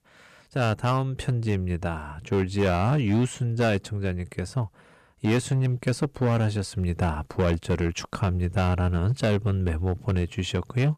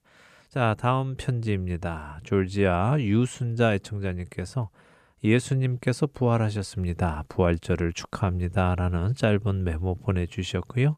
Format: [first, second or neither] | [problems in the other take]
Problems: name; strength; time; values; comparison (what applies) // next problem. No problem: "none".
second | distortion; slight; 7% of the sound clipped